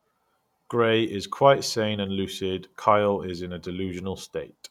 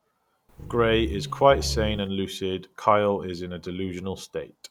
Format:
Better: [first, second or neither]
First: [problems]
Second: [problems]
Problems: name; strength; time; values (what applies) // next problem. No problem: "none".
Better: first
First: none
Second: background sound (Growling); 7 dB below the speech